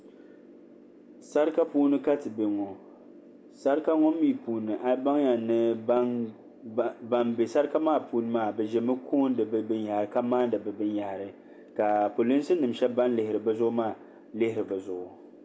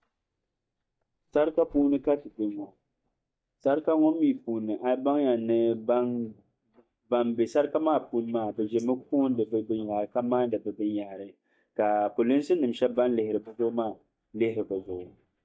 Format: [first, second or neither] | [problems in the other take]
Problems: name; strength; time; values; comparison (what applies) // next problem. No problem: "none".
first | noise reduction (neural mask model DeepFilterNet 3)